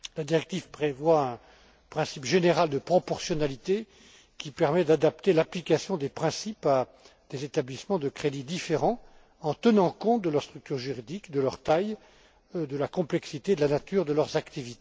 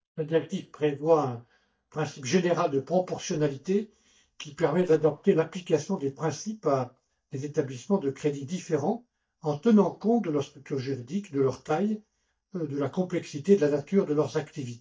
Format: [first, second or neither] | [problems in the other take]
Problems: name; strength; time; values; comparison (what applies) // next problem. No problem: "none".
first | noise reduction (neural mask model DeepFilterNet 3)